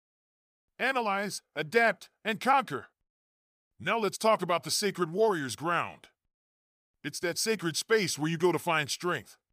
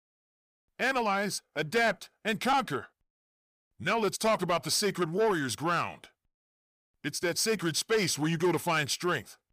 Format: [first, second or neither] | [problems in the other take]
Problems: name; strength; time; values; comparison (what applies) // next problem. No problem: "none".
first | distortion; slight; 10 dB below the speech